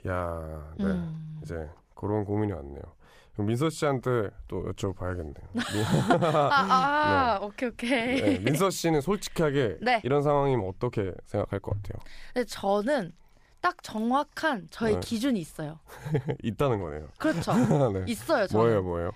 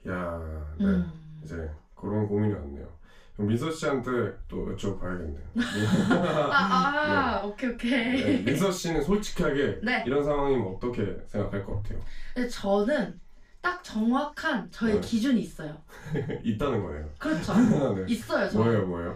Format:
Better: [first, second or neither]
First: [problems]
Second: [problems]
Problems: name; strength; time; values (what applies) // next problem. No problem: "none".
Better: first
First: none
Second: room echo; slight; dies away in 0.2 s // off-mic speech; far